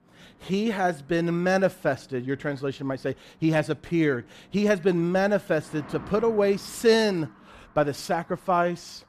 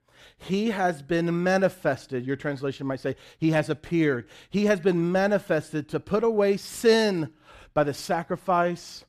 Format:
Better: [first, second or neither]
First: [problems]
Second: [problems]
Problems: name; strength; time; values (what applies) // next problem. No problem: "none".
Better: second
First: traffic noise; faint; throughout; 25 dB below the speech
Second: none